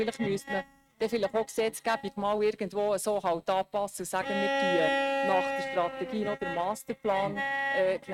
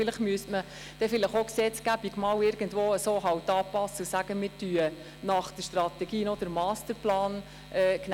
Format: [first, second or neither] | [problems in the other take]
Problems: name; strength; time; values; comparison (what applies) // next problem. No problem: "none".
second | noise reduction (neural mask model RNNoise)